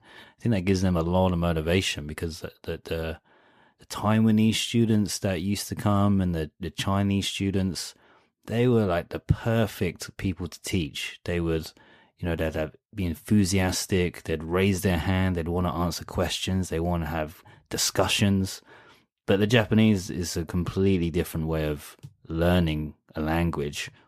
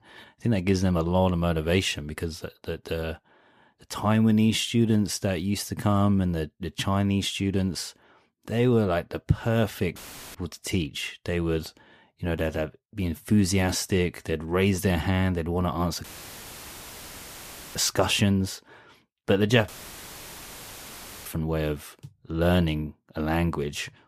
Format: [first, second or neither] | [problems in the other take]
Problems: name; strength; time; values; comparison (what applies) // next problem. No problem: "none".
first | audio cutting out; filled with static; at 10 s, at 16 s for 1.5 s and at 20 s for 1.5 s